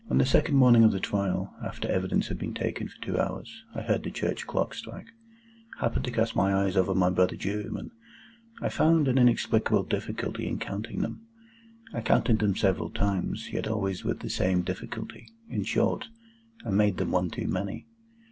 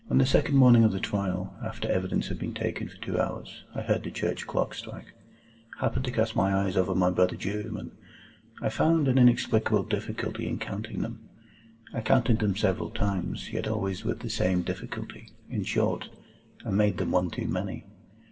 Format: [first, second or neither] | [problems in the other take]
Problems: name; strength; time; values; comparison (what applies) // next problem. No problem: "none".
first | room echo; dies away in 0.6 s